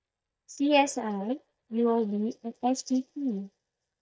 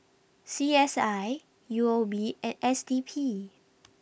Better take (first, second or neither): second